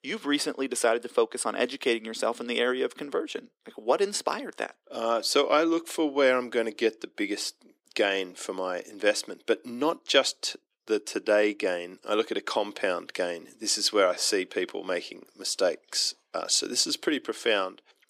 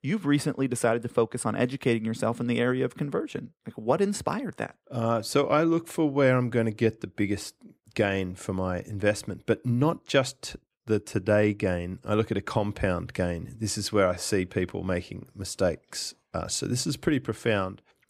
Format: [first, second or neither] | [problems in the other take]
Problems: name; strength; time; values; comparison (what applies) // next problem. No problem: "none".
second | thin; somewhat; fading below 300 Hz